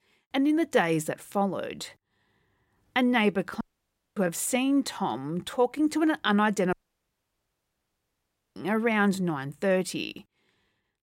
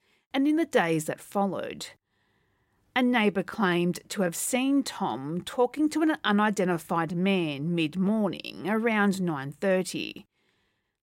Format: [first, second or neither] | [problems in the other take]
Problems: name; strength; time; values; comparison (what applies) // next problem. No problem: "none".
second | audio cutting out; at 3.5 s for 0.5 s and at 6.5 s for 2 s